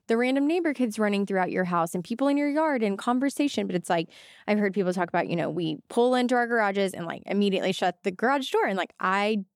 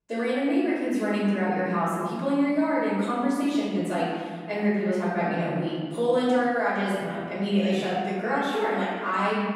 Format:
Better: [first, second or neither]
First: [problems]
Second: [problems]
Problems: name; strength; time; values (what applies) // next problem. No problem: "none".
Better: first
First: none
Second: off-mic speech; far // room echo; strong; dies away in 1.6 s